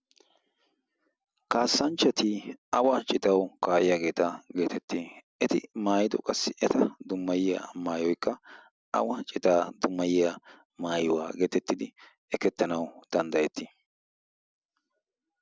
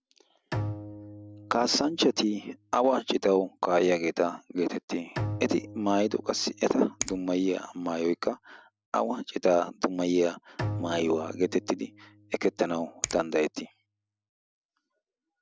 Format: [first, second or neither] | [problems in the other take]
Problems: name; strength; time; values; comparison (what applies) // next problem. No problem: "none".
first | background sound (Finger snapping + Bowed string instrument); 11 dB below the speech